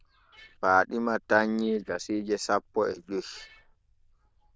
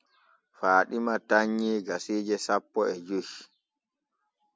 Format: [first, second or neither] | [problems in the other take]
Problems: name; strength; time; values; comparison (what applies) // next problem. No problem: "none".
second | noise reduction (neural diffusion model UNIVERSE++)